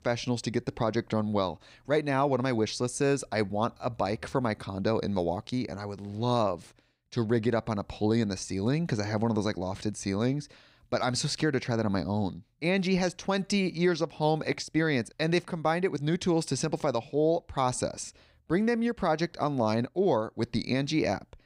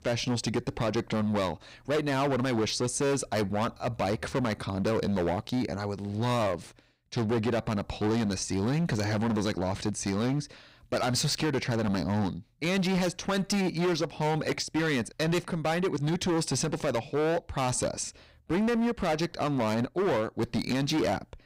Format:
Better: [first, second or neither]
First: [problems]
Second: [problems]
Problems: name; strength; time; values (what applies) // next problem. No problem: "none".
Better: first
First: none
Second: distortion; heavy; 19% of the sound clipped